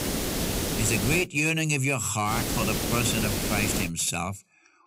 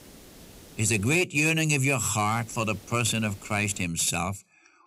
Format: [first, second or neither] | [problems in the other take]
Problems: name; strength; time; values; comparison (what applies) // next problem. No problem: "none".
second | hiss; loud; until 1 s and from 2.5 to 4 s; 2 dB below the speech; faint in the second